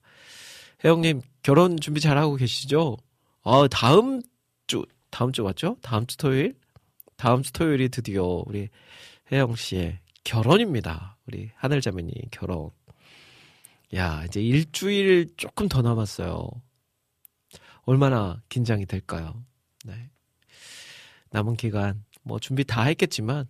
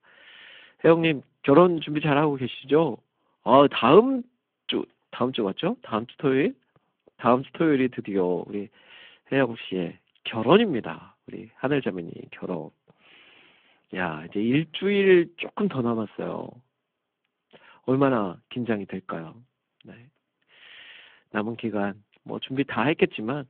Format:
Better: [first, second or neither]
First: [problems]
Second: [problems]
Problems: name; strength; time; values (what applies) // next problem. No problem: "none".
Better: first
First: none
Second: phone-call audio